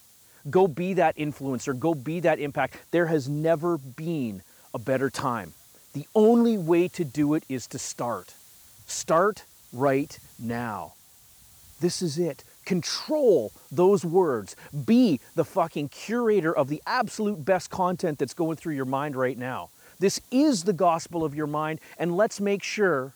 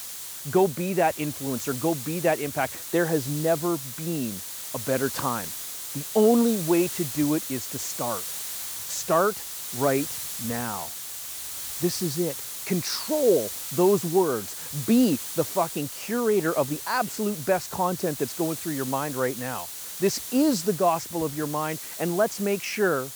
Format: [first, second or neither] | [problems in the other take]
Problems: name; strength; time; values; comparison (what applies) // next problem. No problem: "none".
first | hiss; loud; throughout; 6 dB below the speech; faint in the first